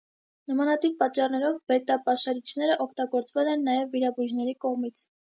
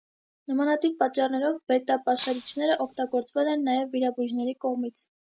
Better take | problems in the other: first | background sound (Shatter); 19 dB below the speech

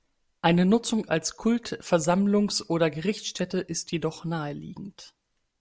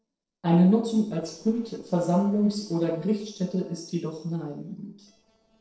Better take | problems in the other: first | noise reduction (neural separator model SepFormer DNS4)

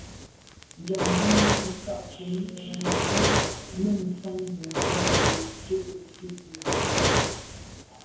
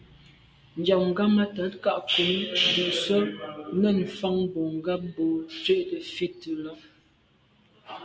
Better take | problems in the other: second | background sound (Fire); 4 dB above the speech // room echo; dies away in 0.9 s

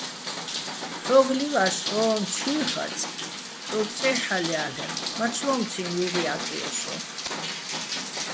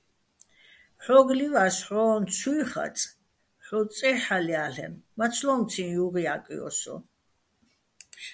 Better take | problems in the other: second | background sound (Rain); 4 dB below the speech

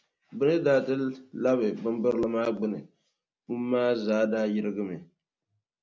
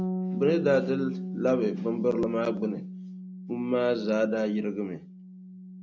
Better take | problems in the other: first | background sound (Bass guitar); 8 dB below the speech

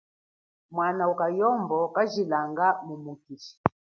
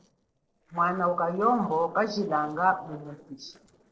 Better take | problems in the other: first | noise reduction (neural separator model SepFormer DNS4)

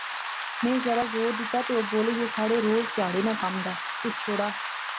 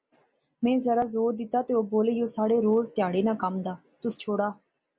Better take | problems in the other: second | background sound (Rain); 5 dB below the speech

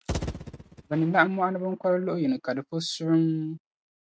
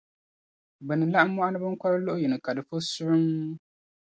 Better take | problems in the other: second | noise reduction (neural mask model RNNoise)

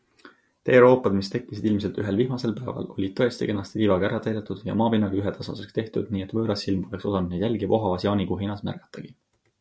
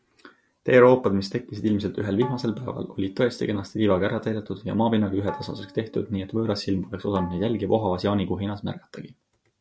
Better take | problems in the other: first | background sound (Bowed string instrument); 19 dB below the speech

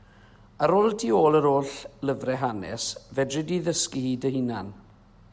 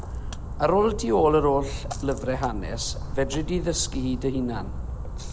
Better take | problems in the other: first | background sound (Splash, splatter); 6 dB below the speech

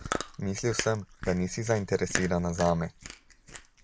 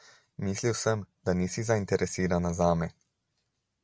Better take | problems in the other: second | background sound (Chewing, mastication); 9 dB below the speech

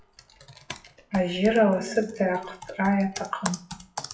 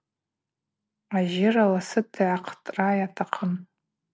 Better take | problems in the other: second | noise reduction (classical method WPE with log-MMSE)

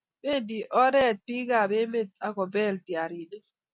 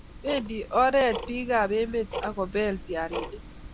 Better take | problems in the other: first | background sound (Tick-tock); 11 dB below the speech

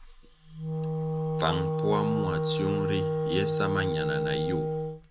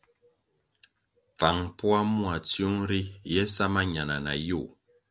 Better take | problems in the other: second | background sound (Wind instrument, woodwind instrument); 4 dB above the speech

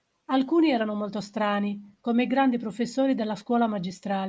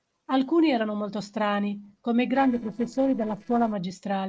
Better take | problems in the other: first | noise reduction (neural separator model SepFormer DNS4)

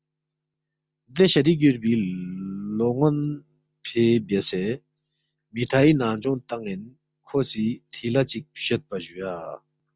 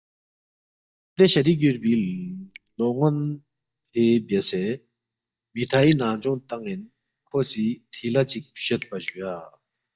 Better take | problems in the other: first | noise reduction (neural mask model DeepFilterNet 3)

